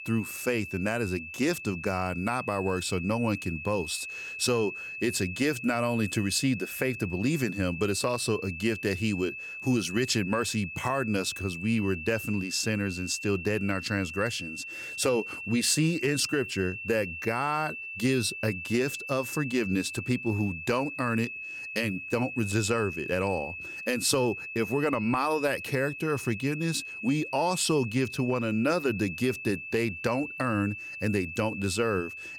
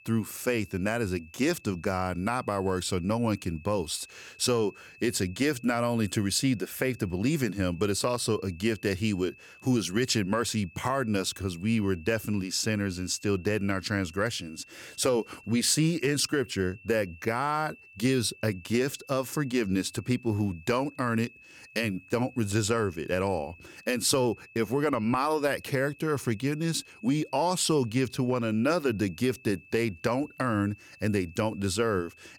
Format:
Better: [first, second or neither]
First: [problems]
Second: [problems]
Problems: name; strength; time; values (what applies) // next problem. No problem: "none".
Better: second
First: high-pitched whine; loud; throughout; 2.5 kHz, 8 dB below the speech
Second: high-pitched whine; faint; throughout; 2.5 kHz, 25 dB below the speech